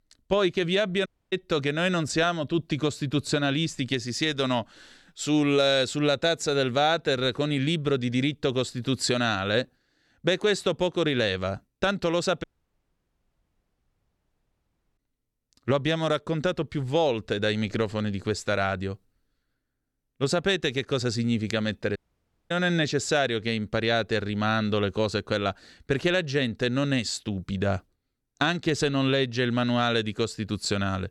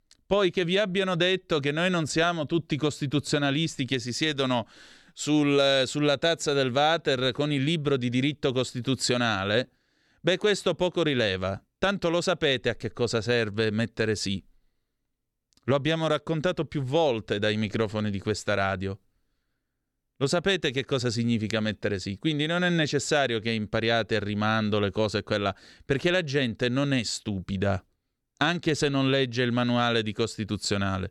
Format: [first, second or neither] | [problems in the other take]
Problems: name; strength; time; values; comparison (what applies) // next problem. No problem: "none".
second | audio cutting out; at 1 s, at 12 s for 2.5 s and at 22 s for 0.5 s